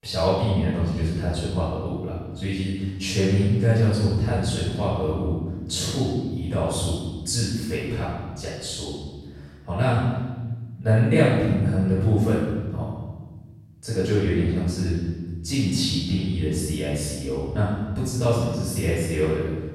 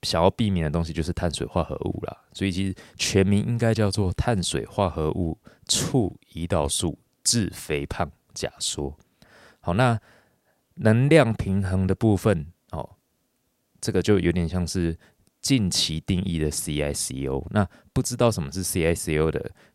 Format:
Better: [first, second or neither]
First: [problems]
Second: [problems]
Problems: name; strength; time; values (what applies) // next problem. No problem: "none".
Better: second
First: off-mic speech; far // room echo; strong; dies away in 1.6 s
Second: none